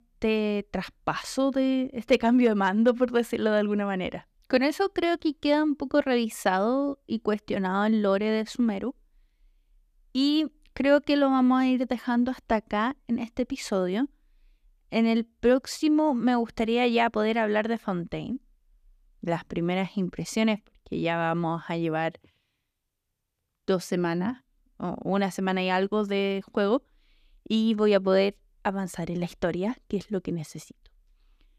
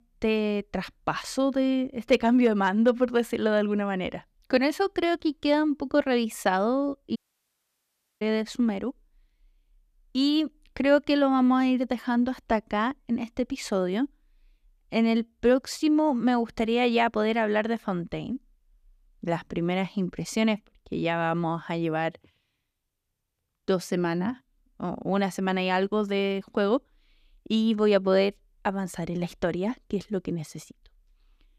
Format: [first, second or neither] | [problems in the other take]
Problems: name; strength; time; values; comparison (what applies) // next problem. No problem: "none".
first | audio cutting out; at 7 s for 1 s